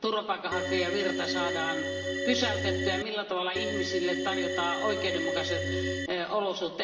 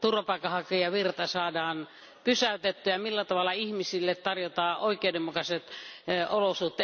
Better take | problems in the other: second | background sound (Organ); as loud as the speech // room echo; dies away in 2.9 s

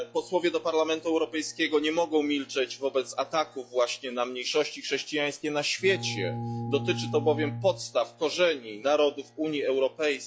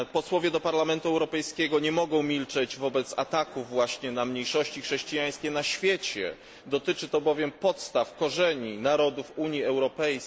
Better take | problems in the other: second | noise reduction (classical method log-MMSE)

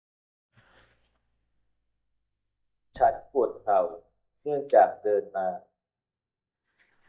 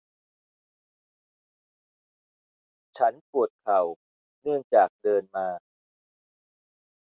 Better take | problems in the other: second | noise reduction (neural mask model DeepFilterNet 3)

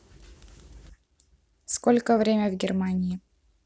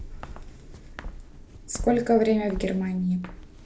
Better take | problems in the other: first | background sound (Walk, footsteps); 12 dB below the speech // room echo; dies away in 0.3 s

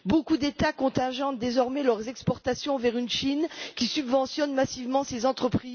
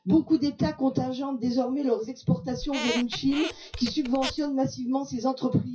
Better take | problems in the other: first | noise reduction (classical method WPE with log-MMSE)

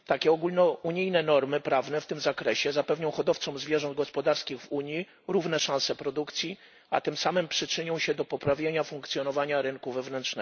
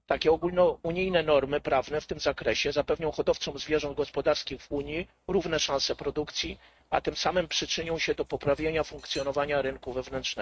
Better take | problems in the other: first | noise reduction (neural mask model RNNoise)

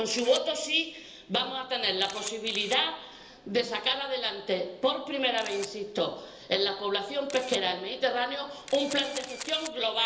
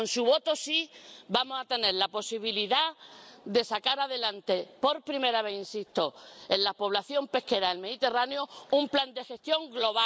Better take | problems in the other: second | background sound (Camera); 17 dB below the speech // room echo; dies away in 1.4 s

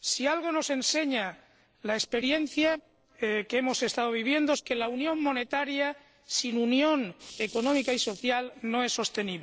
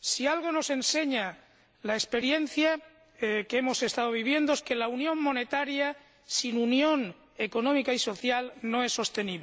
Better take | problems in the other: second | noise reduction (neural separator model SepFormer DNS4)

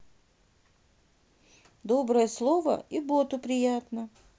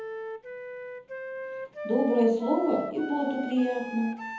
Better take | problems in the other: first | background sound (Wind instrument, woodwind instrument); 9 dB below the speech // room echo; dies away in 1.3 s

